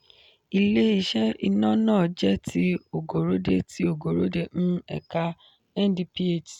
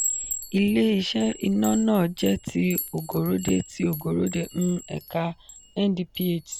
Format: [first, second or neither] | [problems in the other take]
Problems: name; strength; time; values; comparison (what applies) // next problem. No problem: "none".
first | background sound (Chime); 12 dB below the speech